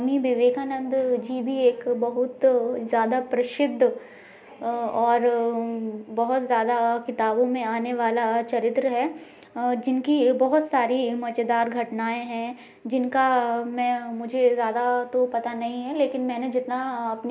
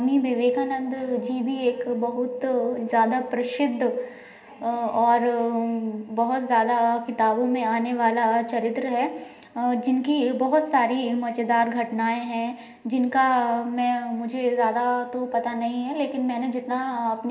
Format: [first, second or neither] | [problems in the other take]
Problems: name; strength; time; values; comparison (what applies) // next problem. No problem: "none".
first | room echo; dies away in 1 s